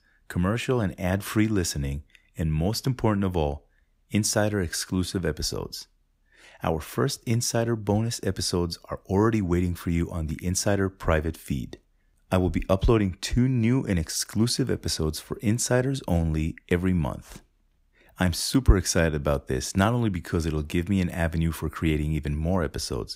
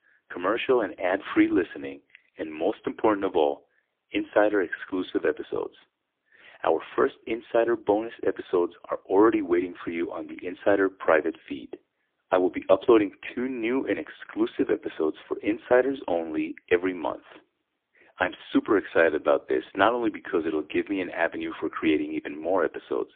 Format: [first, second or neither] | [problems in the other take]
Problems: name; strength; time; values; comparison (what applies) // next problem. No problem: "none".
first | phone-call audio; poor line